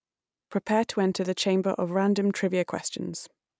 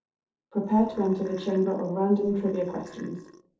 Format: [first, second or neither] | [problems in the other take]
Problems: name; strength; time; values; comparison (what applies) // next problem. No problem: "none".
first | noise reduction (neural separator model SepFormer DNS4)